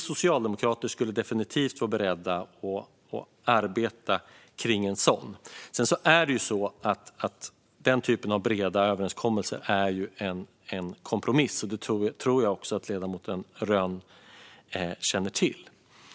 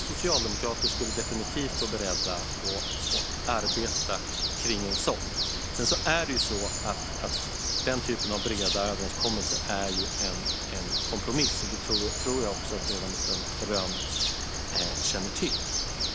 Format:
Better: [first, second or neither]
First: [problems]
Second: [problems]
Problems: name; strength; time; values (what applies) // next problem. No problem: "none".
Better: first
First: none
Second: background sound (Bird); 3 dB above the speech